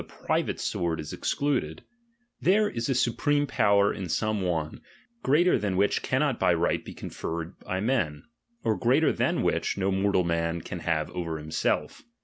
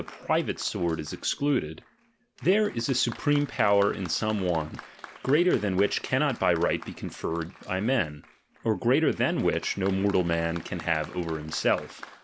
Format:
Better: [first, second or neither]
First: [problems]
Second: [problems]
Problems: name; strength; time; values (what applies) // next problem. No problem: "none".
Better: first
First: none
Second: background sound (Applause); 20 dB below the speech